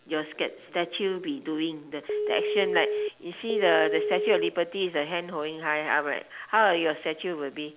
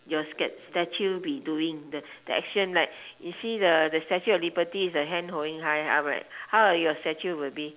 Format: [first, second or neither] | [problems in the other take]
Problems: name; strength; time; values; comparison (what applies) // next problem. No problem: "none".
second | background sound (Telephone); as loud as the speech